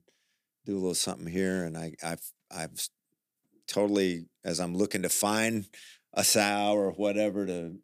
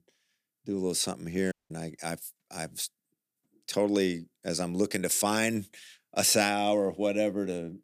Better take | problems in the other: first | audio cutting out; at 1.5 s

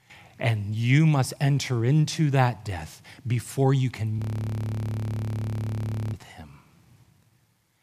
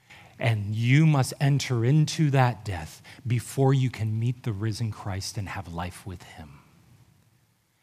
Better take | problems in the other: second | audio freezing; at 4 s for 2 s

